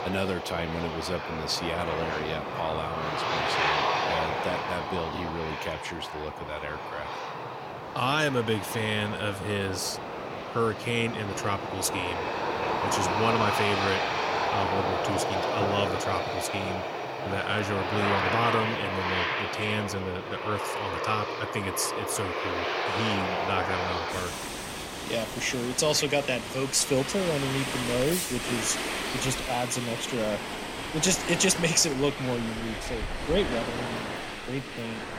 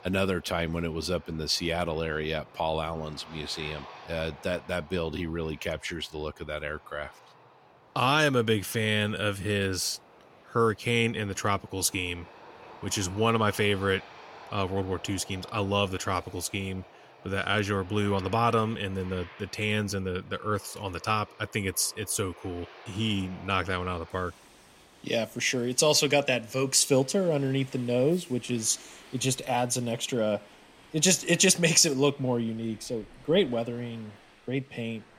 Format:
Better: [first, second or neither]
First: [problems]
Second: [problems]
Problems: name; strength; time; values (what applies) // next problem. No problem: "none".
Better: second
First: train or aircraft noise; loud; throughout; 1 dB below the speech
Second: train or aircraft noise; faint; throughout; 20 dB below the speech